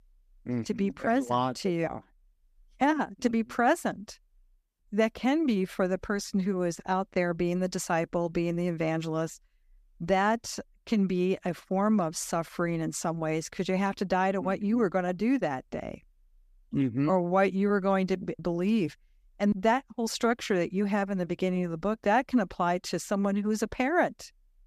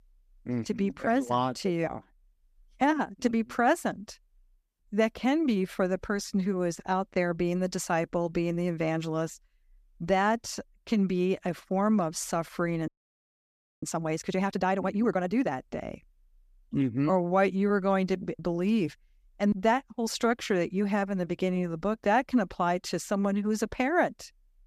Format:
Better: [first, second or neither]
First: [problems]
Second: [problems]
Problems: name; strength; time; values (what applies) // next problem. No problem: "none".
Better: first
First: none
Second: audio freezing; at 13 s for 1 s